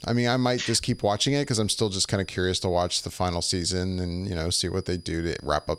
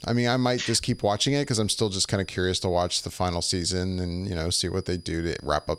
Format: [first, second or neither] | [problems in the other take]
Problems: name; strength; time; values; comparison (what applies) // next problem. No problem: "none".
neither | high-pitched whine; faint; throughout; 5 kHz, 25 dB below the speech; the same in both